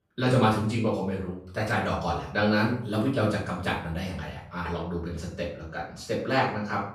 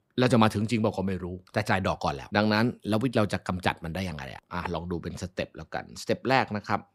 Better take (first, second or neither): second